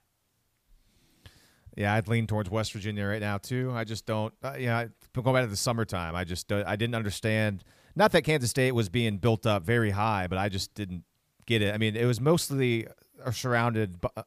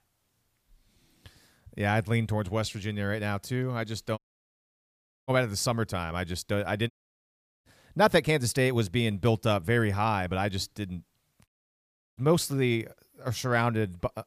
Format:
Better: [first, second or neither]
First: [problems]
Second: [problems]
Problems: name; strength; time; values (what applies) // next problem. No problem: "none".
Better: first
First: none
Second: audio cutting out; at 4 s for 1 s, at 7 s for 0.5 s and at 11 s for 0.5 s